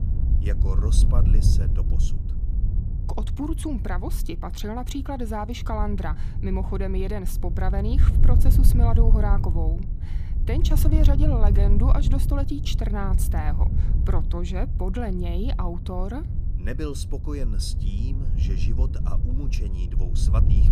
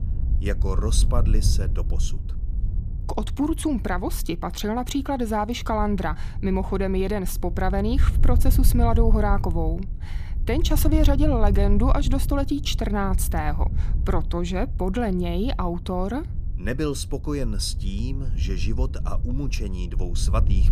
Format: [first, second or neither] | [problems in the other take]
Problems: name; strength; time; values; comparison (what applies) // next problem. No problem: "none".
second | wind noise on the microphone; heavy; 7 dB below the speech; occasional gusts in the second